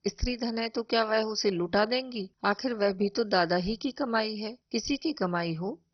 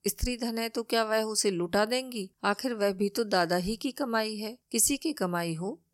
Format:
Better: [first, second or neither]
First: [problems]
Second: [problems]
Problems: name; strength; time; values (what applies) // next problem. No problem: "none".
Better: second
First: garbled, watery; badly; nothing above 6 kHz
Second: none